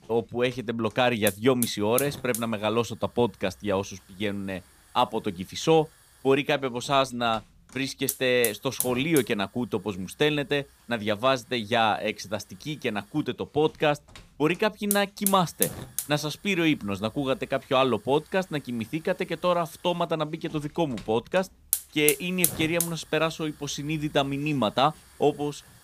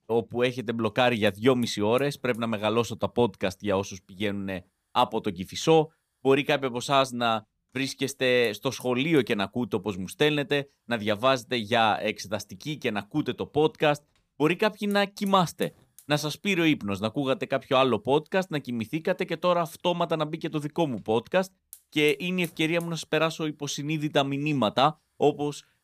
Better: second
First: hiss; loud; throughout; 3 dB below the speech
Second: hiss; faint; throughout; 25 dB below the speech

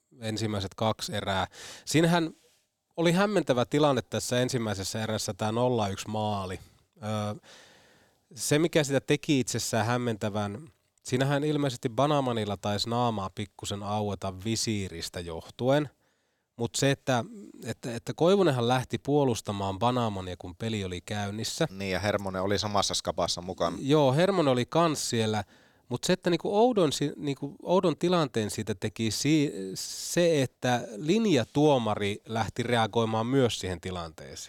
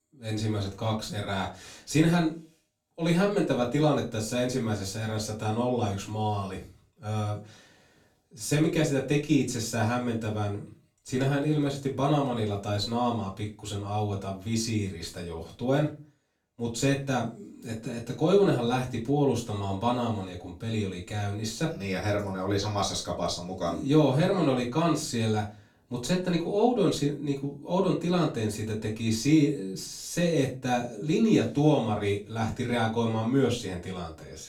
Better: first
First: none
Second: off-mic speech; far // room echo; slight; dies away in 0.3 s

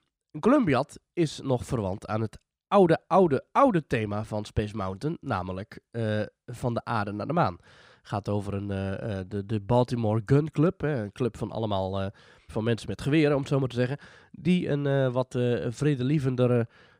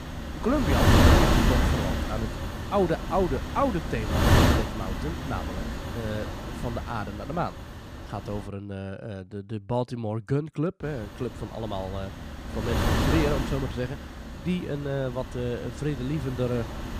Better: first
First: none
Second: wind noise on the microphone; heavy; until 8.5 s and from 11 s on; 3 dB above the speech

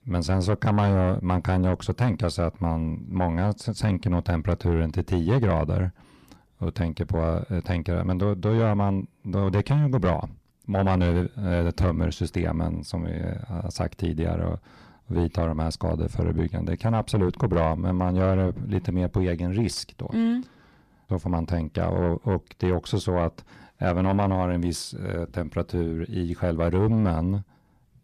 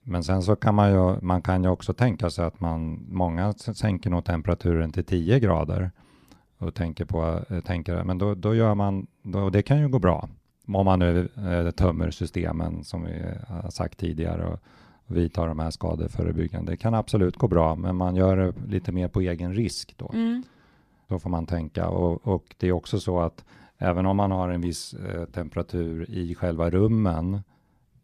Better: second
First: distortion; slight; 10 dB below the speech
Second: none

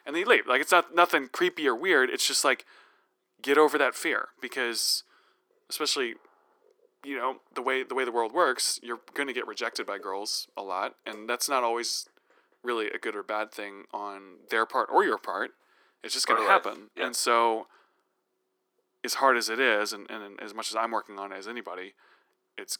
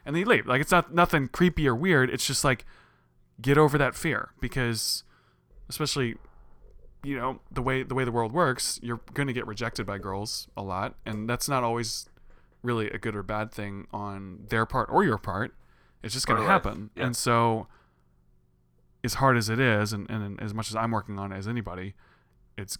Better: second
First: thin; somewhat; fading below 300 Hz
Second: none

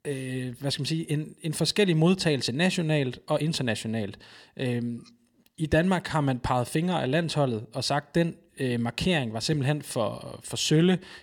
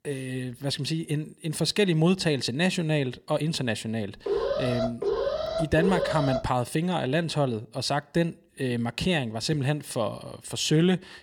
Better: first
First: none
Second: alarm; noticeable; from 4.5 to 6.5 s; peak level with the speech

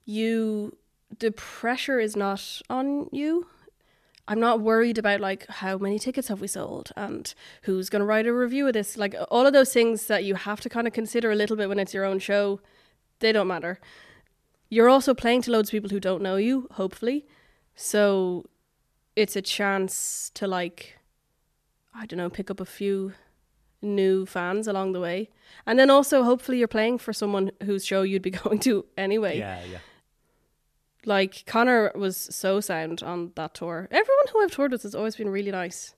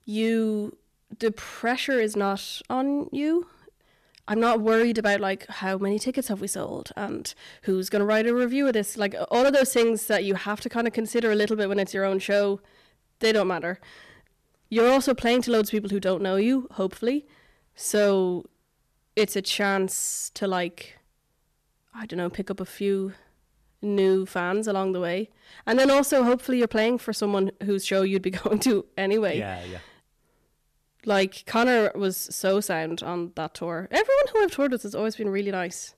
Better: first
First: none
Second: distortion; slight; 4% of the sound clipped

